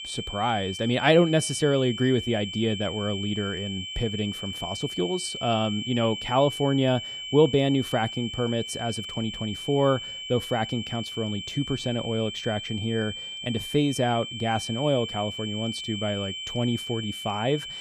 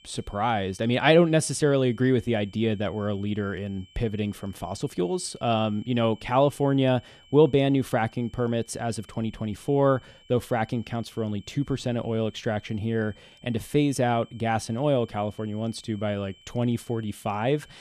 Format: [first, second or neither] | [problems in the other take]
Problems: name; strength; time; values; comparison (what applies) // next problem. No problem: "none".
second | high-pitched whine; loud; throughout; 3 kHz, 7 dB below the speech; faint in the second